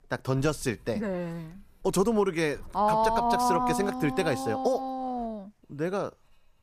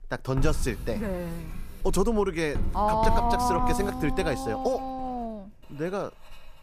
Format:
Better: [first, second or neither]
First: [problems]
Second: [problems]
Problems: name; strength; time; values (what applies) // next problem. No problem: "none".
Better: first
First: household noises; faint; throughout; 25 dB below the speech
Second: household noises; loud; throughout; 8 dB below the speech